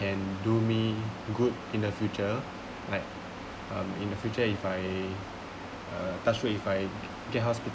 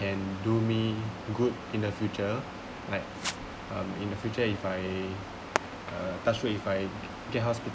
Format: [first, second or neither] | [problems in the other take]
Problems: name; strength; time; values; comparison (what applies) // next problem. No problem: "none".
first | background sound (Fireworks); 13 dB below the speech